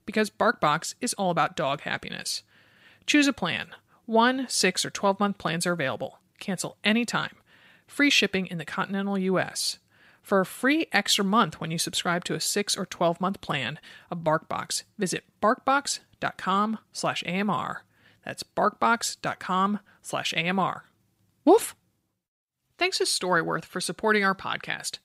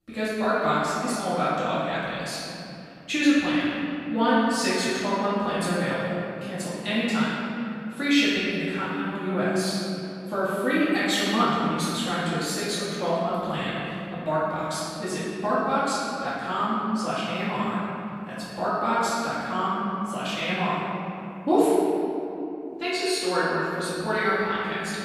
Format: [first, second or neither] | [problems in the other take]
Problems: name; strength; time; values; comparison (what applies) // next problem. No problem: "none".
first | off-mic speech; far // room echo; strong; dies away in 3 s